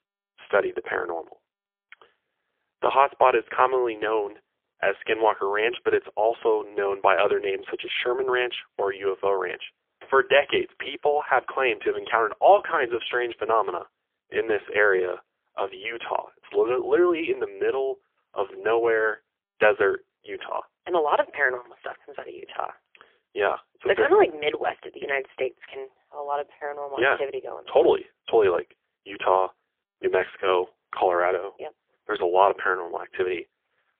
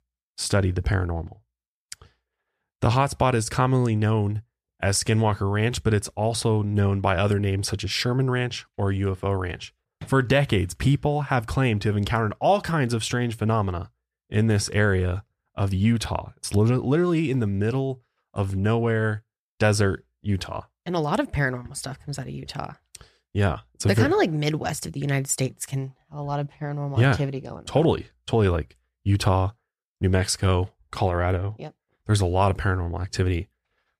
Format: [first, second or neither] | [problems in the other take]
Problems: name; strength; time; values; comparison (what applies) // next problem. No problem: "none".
second | phone-call audio; poor line; nothing above 3.5 kHz